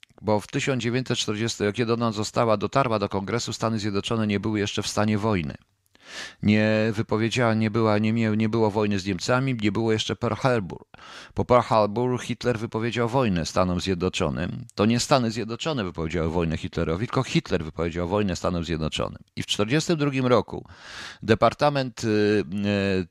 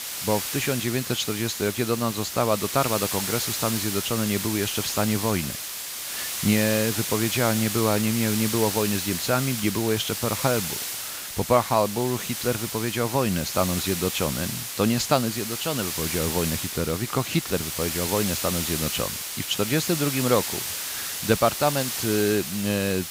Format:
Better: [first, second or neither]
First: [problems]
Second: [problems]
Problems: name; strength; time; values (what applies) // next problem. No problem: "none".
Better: first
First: none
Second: hiss; loud; throughout; 3 dB below the speech